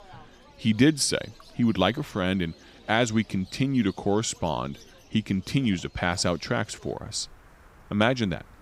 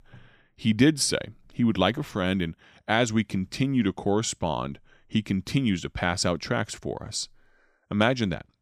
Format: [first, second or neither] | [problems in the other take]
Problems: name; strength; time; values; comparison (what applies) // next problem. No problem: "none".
second | animal sounds; faint; throughout; 25 dB below the speech